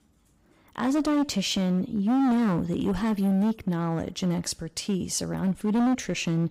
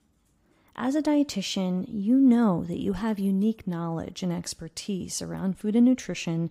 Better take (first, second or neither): second